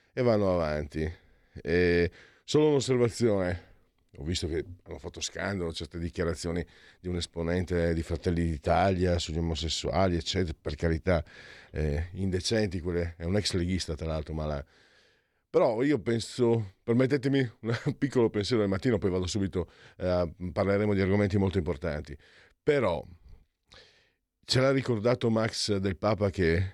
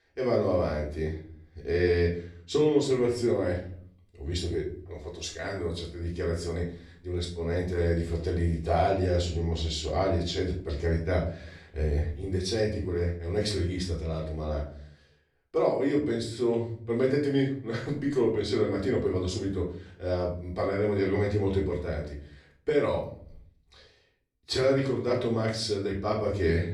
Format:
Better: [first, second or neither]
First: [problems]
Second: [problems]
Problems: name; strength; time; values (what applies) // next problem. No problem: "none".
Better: first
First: none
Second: off-mic speech; far // room echo; slight; dies away in 0.4 s